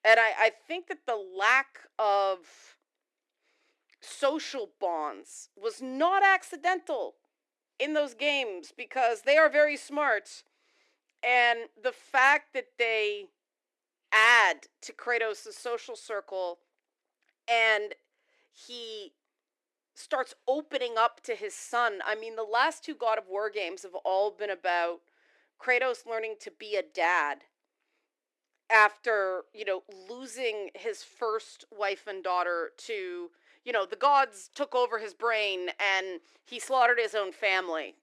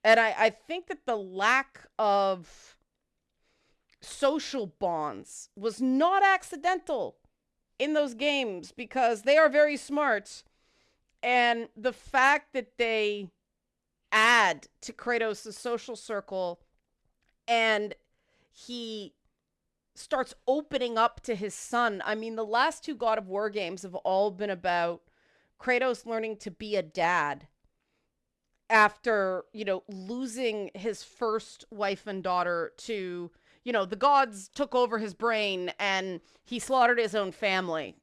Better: second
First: thin; somewhat; fading below 300 Hz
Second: none

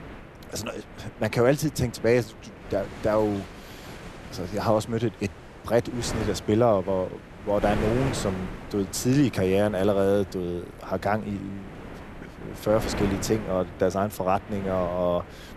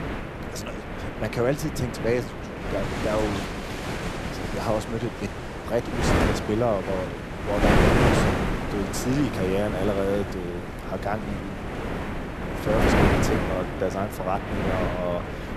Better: first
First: wind noise on the microphone; occasional gusts; 15 dB below the speech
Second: wind noise on the microphone; heavy; 1 dB above the speech

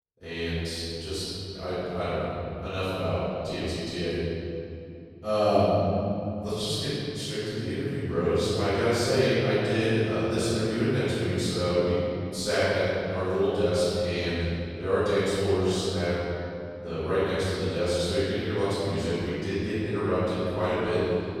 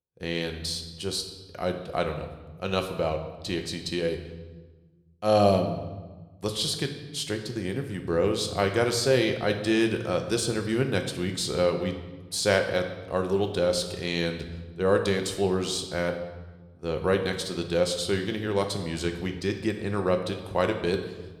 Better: second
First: room echo; strong; dies away in 2.8 s // off-mic speech; far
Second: room echo; slight; dies away in 0.9 s

